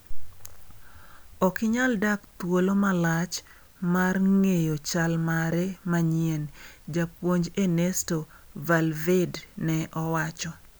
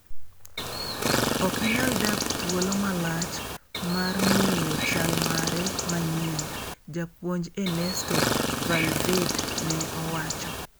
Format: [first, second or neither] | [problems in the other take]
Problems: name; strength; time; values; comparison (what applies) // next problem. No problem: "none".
first | background sound (Chirp, tweet); 2 dB above the speech